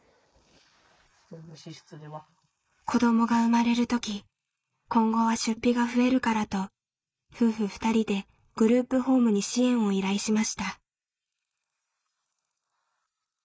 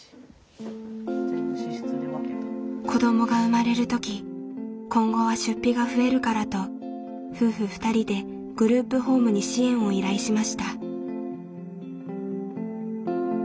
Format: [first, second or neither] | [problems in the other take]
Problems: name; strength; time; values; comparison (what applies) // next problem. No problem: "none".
second | noise reduction (neural mask model Resemble Enhance denoiser)